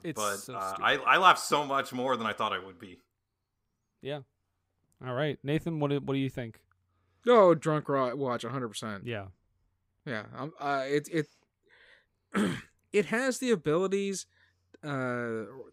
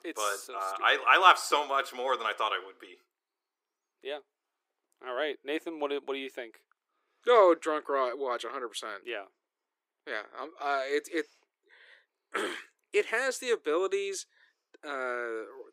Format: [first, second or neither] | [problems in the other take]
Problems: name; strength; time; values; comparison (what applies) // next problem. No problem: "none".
first | thin; very; fading below 350 Hz